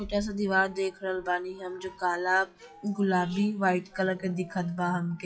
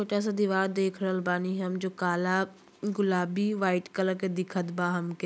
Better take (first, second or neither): second